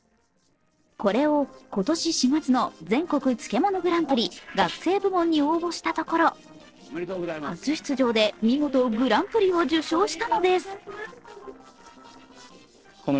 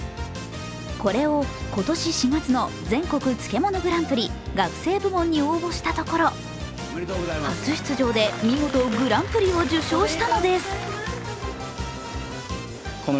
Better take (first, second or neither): second